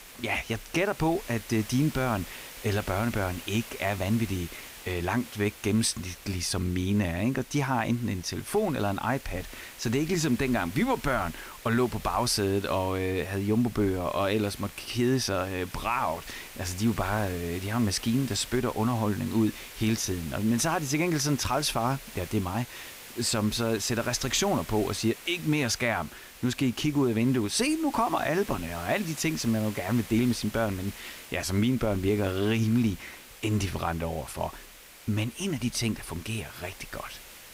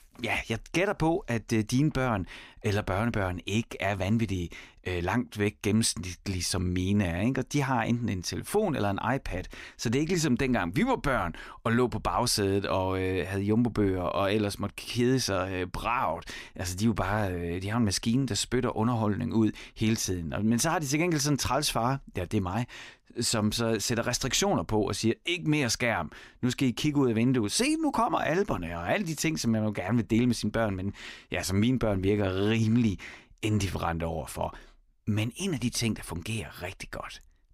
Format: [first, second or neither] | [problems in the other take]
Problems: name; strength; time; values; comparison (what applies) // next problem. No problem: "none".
second | hiss; noticeable; throughout; 15 dB below the speech